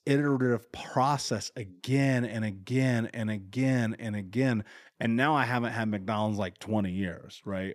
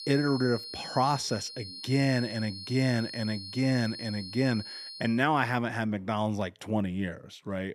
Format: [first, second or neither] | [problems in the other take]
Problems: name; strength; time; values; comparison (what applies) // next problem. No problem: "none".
first | high-pitched whine; loud; until 5 s; 4.5 kHz, 10 dB below the speech